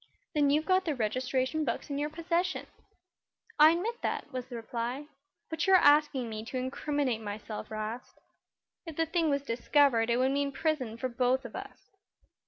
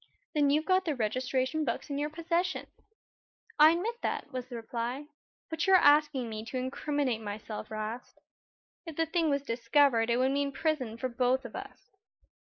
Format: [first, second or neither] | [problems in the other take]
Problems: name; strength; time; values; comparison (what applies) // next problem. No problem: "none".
first | noise reduction (neural mask model Resemble Enhance denoiser)